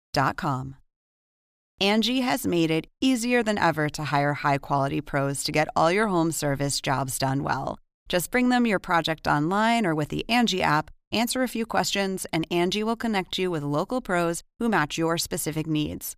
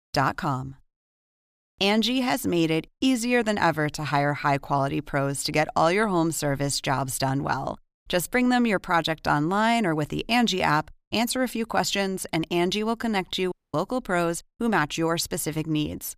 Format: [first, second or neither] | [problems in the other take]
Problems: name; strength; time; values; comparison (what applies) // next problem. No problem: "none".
first | audio cutting out; at 14 s